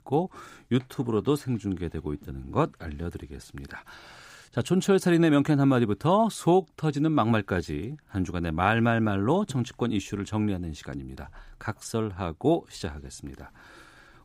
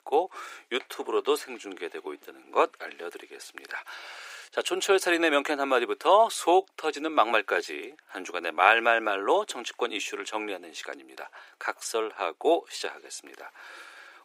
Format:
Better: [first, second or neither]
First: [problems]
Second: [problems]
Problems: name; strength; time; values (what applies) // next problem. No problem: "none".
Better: first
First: none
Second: thin; very; fading below 400 Hz